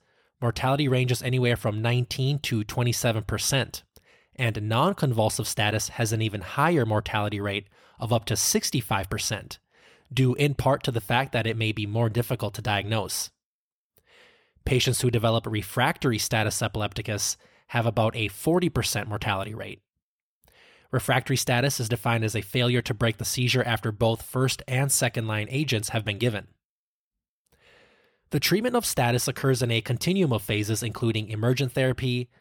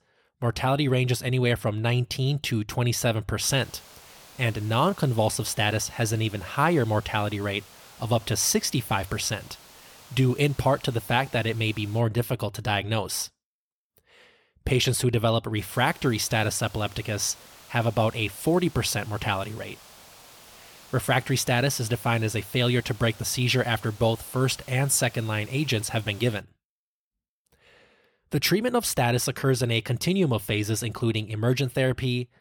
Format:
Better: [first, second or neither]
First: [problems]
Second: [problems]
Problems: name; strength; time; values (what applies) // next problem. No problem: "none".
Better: first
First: none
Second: hiss; faint; from 3.5 to 12 s and from 16 to 26 s; 20 dB below the speech